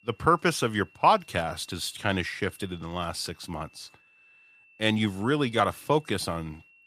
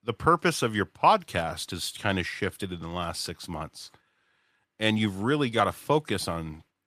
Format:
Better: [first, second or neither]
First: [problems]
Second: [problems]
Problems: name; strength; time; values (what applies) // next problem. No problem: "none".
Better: second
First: high-pitched whine; faint; throughout; 2.5 kHz, 30 dB below the speech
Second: none